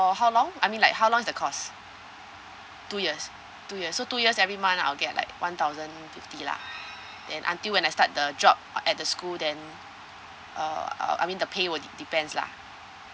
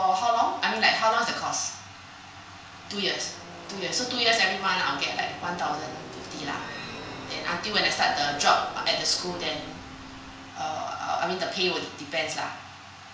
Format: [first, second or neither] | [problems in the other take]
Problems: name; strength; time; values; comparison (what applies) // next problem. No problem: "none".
first | background sound (Car passing by / Race car, auto racing); 16 dB below the speech // room echo; dies away in 0.5 s